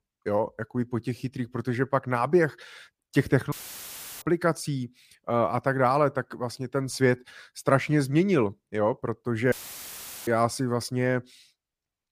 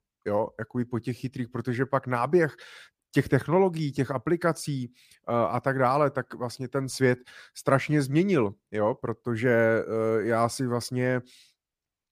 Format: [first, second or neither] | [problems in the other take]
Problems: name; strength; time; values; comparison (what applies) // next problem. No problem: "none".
second | audio cutting out; filled with static; at 3.5 s for 0.5 s and at 9.5 s for 1 s